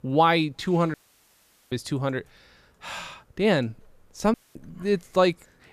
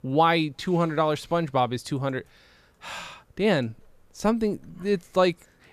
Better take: second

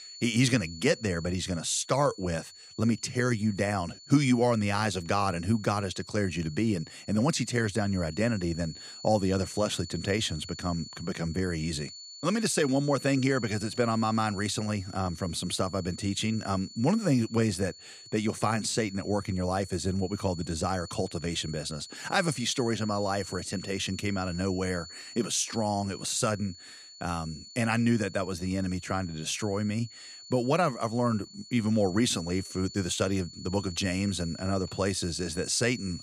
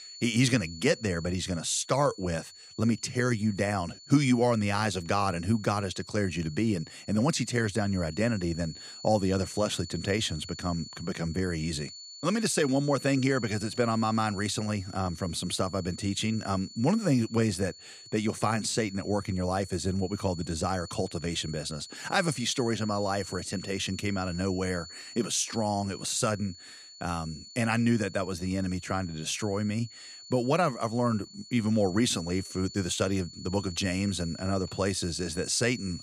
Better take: neither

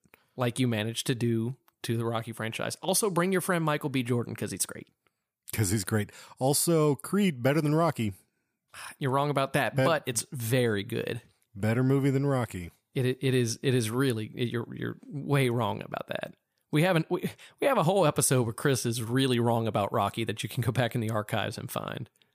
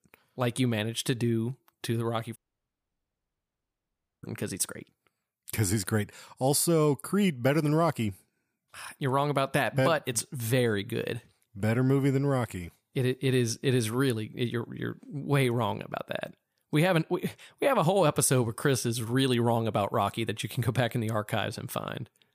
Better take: first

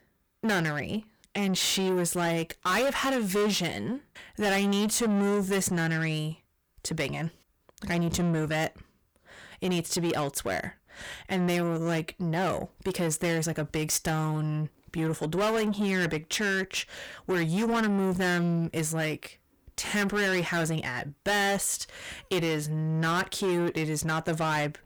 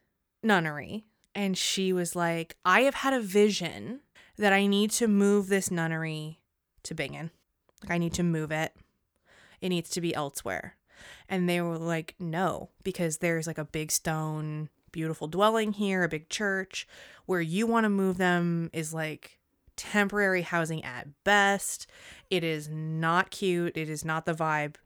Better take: second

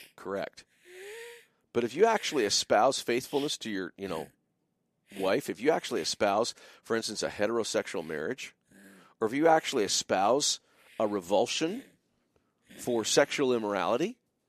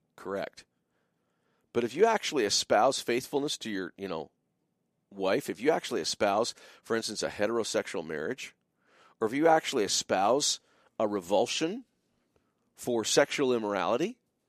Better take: second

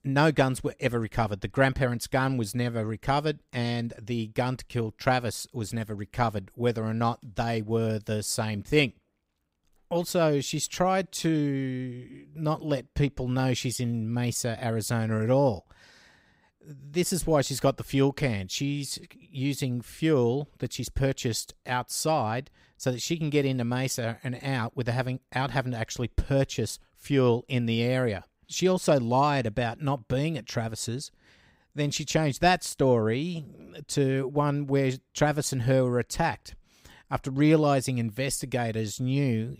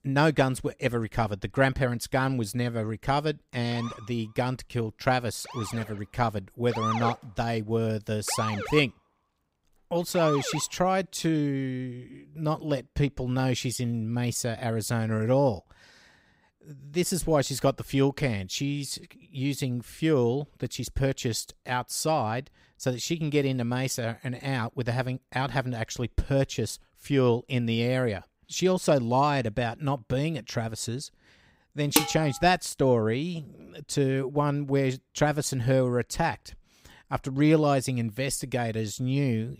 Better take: first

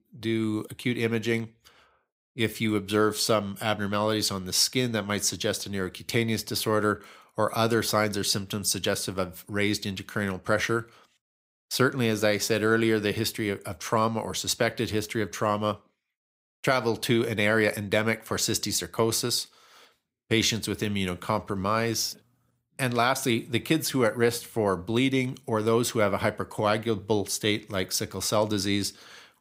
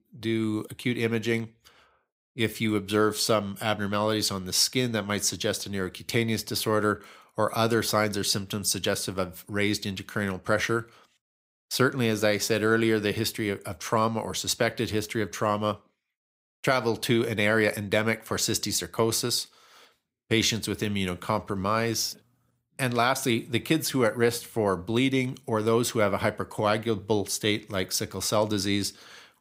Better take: neither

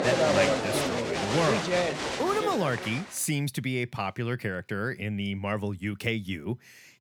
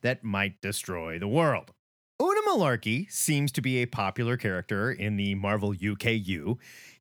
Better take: second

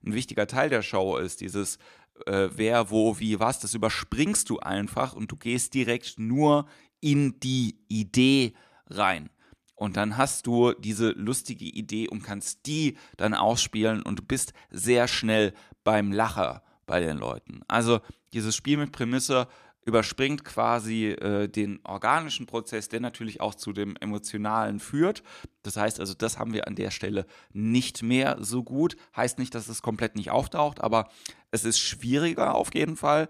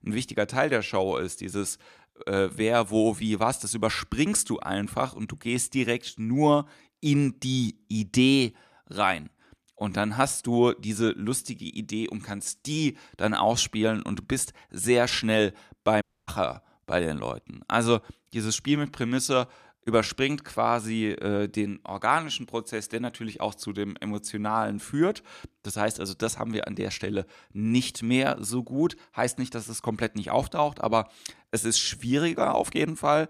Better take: first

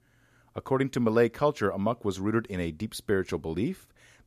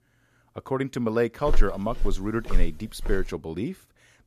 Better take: first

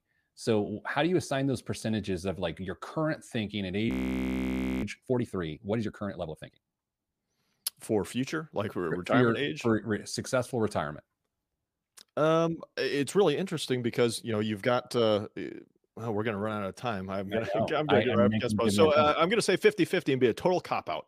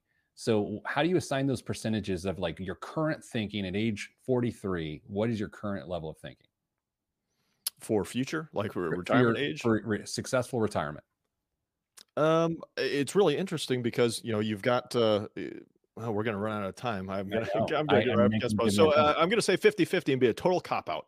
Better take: second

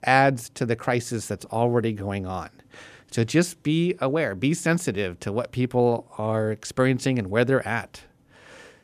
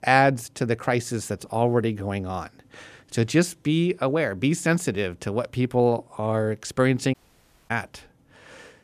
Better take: first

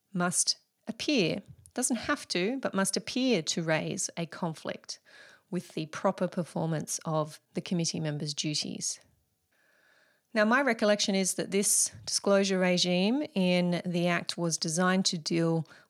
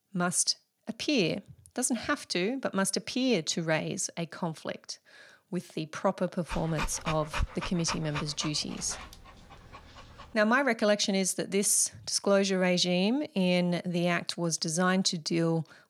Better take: first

